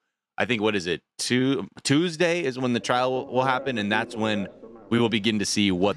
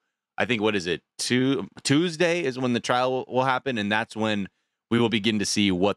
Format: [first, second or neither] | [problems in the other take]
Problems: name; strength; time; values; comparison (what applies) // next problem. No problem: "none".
second | alarms or sirens; noticeable; from 2.5 s on; 15 dB below the speech